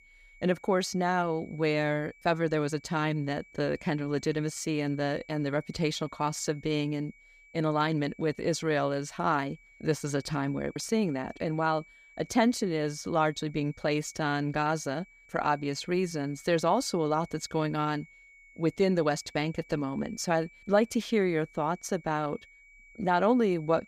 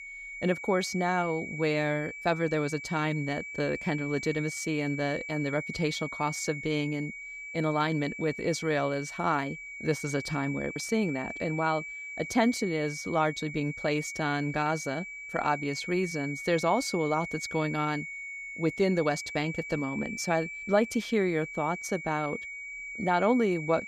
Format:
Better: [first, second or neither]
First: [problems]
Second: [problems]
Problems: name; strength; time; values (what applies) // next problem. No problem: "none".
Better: first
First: high-pitched whine; faint; throughout; 2.5 kHz, 25 dB below the speech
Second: high-pitched whine; loud; throughout; 2.5 kHz, 8 dB below the speech